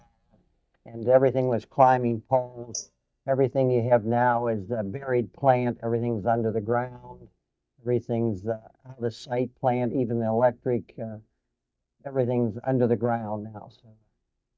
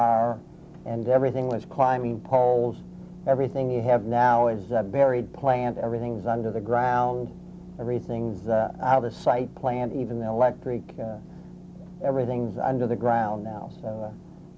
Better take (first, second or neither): second